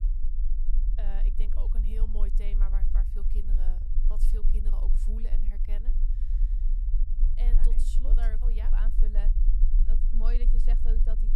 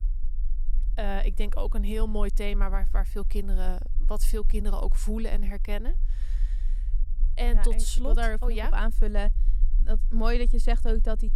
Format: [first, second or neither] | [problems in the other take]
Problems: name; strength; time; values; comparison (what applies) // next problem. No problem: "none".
second | low rumble; loud; throughout; 6 dB below the speech; faint in the second